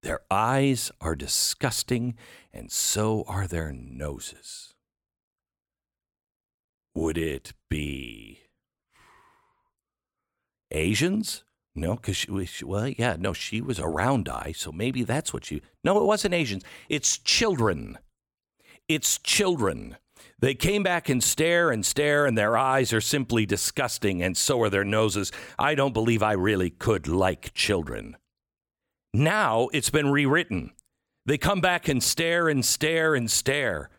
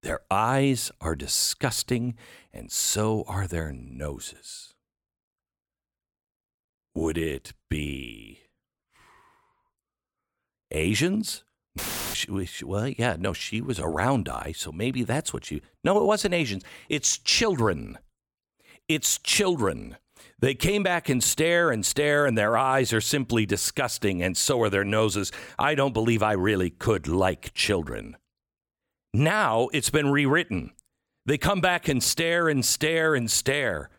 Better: first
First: none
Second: audio cutting out; filled with static; at 12 s

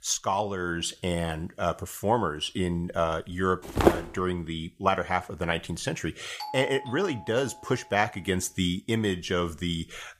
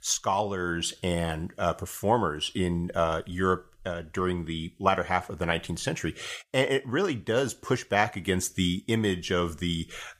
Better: second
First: footsteps; loud; at 4 s; peak 5 dB above the speech // doorbell; noticeable; from 6.5 to 8 s; peak 9 dB below the speech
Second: none

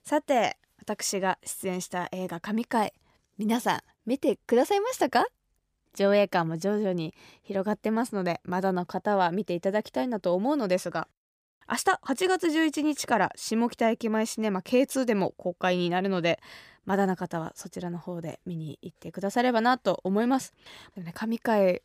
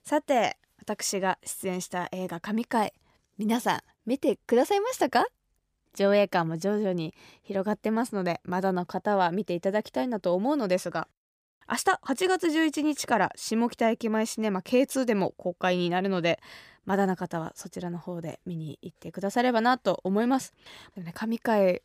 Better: neither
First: none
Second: none

